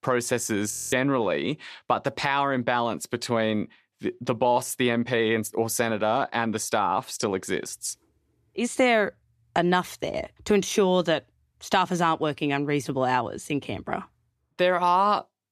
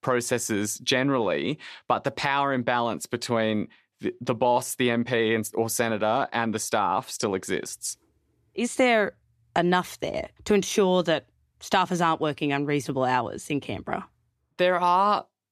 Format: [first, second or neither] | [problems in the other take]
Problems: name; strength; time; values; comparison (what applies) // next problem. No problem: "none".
second | audio freezing; at 0.5 s